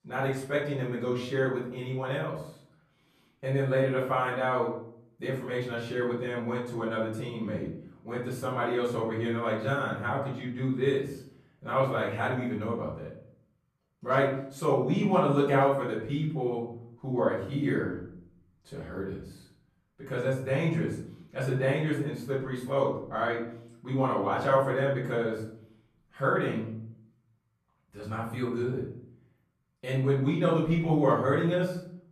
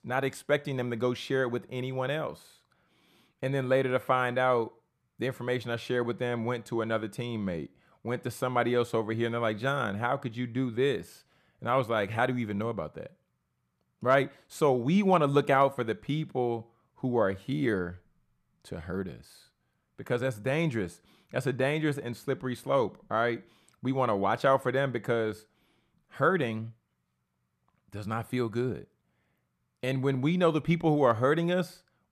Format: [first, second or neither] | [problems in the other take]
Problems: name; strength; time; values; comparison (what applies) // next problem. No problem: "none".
second | off-mic speech; far // room echo; noticeable; dies away in 0.6 s